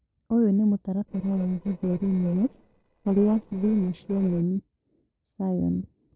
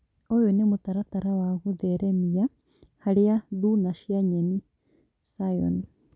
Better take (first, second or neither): second